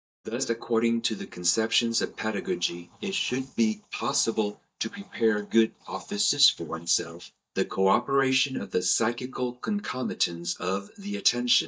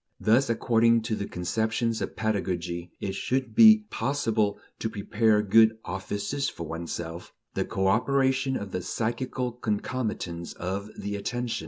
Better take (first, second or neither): second